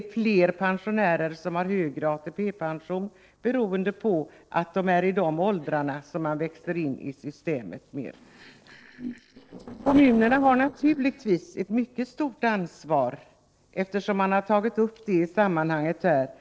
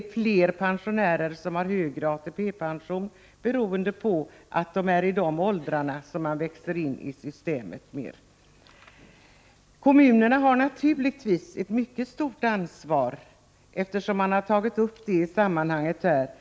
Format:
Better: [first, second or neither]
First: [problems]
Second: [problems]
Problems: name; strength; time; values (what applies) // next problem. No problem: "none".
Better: second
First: noise reduction (neural separator model SepFormer DNS4)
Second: none